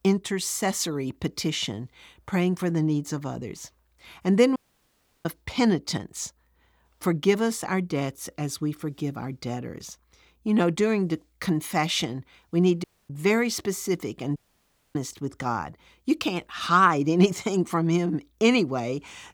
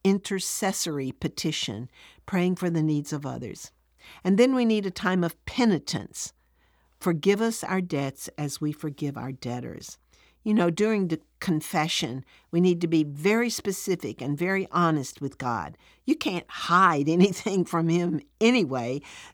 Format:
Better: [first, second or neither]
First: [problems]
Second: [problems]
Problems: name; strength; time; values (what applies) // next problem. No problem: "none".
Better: second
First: audio cutting out; at 4.5 s for 0.5 s, at 13 s and at 14 s for 0.5 s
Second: none